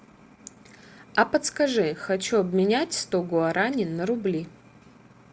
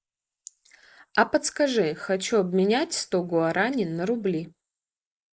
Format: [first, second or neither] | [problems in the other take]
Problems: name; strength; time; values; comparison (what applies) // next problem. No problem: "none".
first | noise reduction (neural mask model Resemble Enhance denoiser)